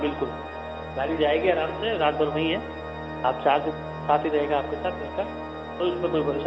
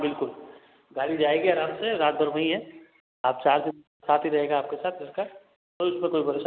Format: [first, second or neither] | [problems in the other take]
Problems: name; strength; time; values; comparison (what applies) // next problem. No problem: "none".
second | background sound (Organ); 8 dB below the speech